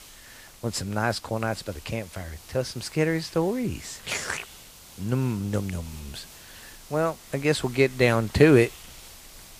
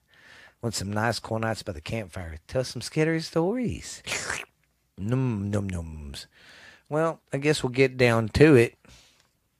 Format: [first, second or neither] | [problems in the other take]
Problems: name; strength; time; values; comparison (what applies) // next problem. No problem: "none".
second | hiss; noticeable; throughout; 20 dB below the speech